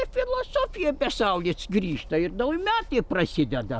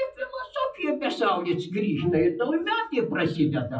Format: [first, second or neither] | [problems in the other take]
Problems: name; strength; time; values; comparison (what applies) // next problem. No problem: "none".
first | noise reduction (classical method WPE with log-MMSE)